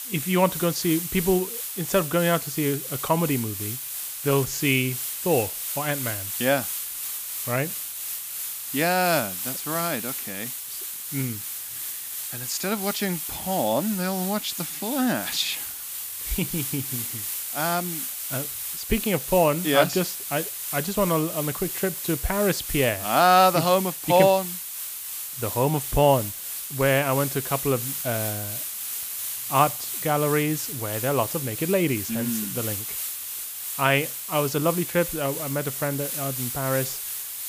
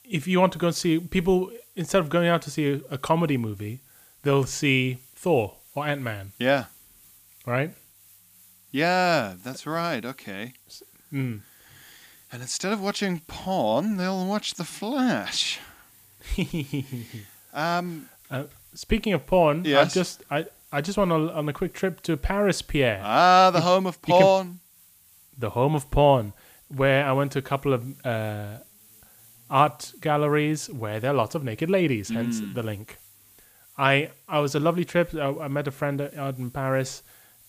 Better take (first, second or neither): second